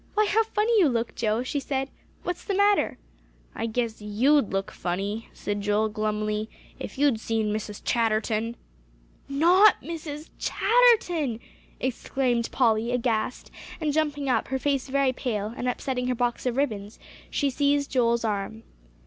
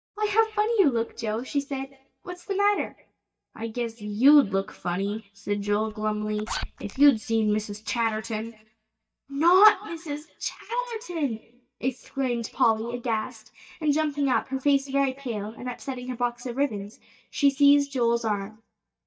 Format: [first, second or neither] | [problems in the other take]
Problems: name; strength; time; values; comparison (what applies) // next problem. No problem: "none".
first | noise reduction (neural mask model DeepFilterNet 3)